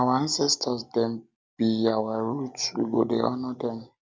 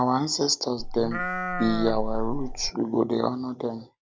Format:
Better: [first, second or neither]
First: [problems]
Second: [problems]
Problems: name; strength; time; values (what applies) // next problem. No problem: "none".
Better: first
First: none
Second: background sound (Livestock, farm animals, working animals); 2 dB below the speech